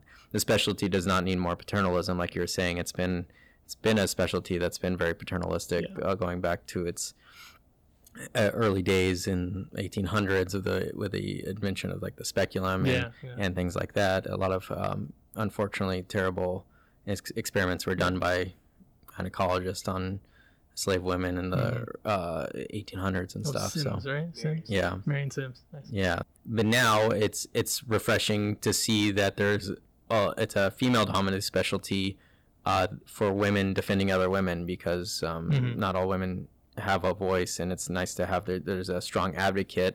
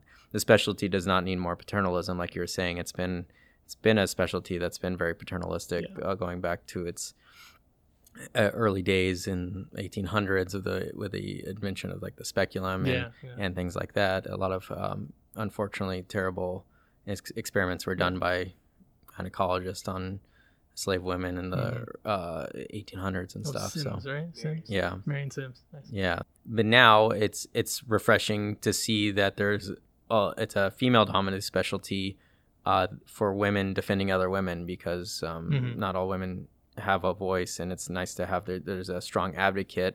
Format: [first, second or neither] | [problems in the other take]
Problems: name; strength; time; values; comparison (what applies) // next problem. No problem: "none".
second | distortion; heavy; 4% of the sound clipped